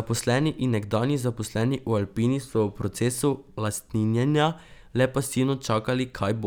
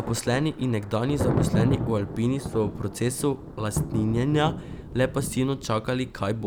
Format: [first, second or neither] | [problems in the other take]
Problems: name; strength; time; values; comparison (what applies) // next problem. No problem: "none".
first | background sound (Thunder); 4 dB below the speech